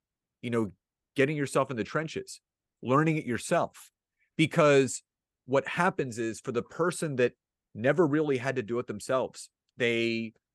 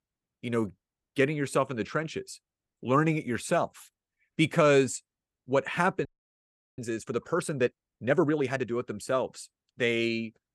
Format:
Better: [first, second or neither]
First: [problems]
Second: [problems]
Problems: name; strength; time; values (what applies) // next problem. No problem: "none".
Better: first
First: none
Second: audio freezing; at 6 s for 0.5 s